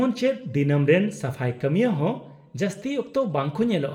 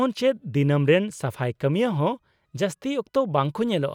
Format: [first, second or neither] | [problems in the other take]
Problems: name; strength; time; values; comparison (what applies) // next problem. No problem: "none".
second | room echo; dies away in 0.5 s